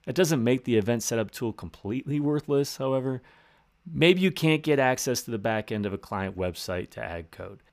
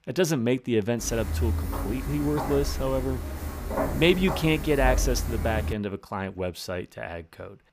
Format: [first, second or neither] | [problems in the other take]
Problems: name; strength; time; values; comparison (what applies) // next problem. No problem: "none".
first | footsteps; noticeable; from 1 to 5.5 s; peak level with the speech